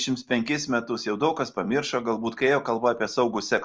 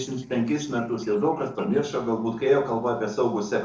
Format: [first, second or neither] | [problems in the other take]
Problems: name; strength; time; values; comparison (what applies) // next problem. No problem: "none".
first | noise reduction (neural separator model SepFormer DNS4)